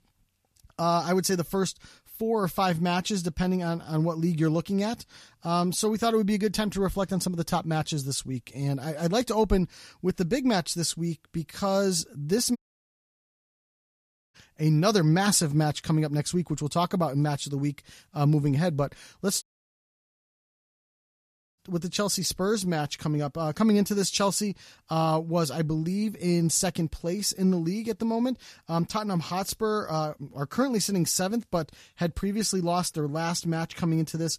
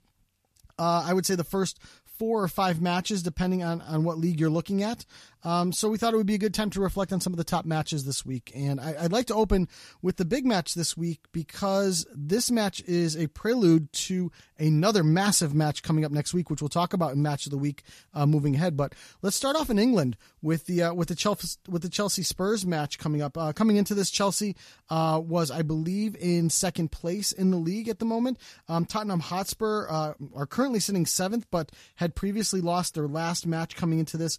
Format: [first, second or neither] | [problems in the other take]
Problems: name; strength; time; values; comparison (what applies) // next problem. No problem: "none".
second | audio cutting out; at 13 s for 2 s and at 19 s for 2 s